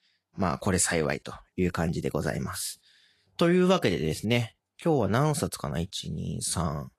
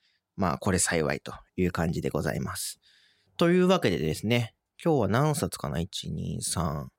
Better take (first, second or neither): second